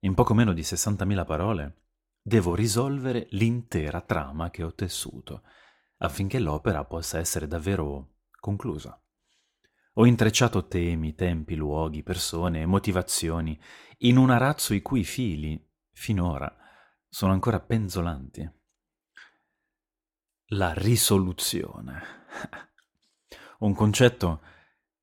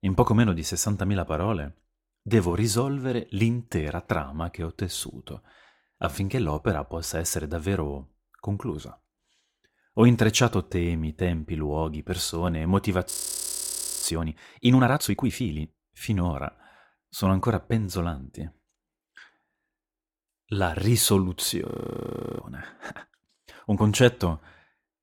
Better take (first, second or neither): first